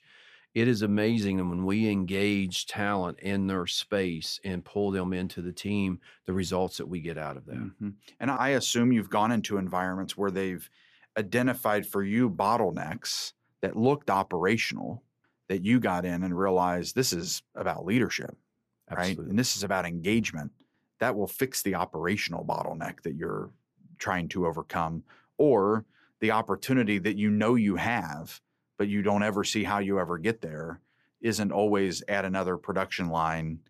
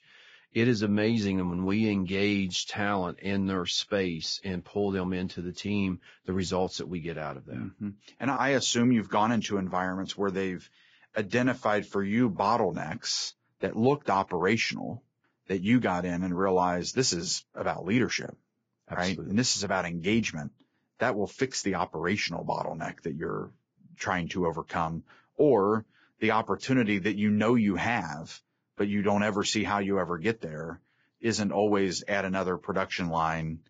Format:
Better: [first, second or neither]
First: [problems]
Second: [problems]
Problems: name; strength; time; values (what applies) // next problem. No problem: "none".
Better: first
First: none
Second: garbled, watery; badly; nothing above 7.5 kHz